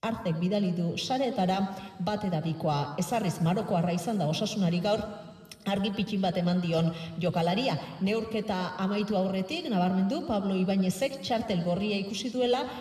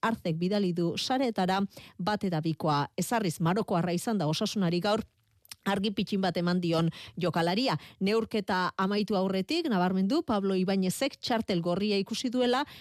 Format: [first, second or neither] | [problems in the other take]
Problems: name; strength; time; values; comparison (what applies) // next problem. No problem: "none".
second | room echo; slight; dies away in 2.1 s